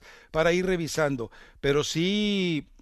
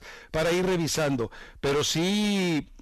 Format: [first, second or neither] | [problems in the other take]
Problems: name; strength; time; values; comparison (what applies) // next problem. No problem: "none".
first | distortion; heavy; 27% of the sound clipped